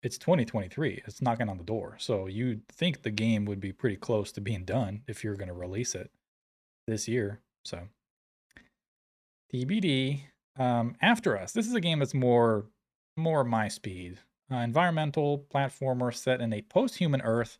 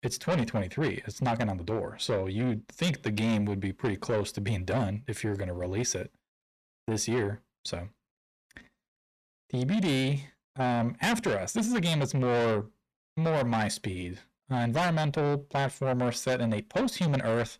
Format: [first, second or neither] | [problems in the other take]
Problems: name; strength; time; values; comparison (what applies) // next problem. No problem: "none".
first | distortion; heavy; 7 dB below the speech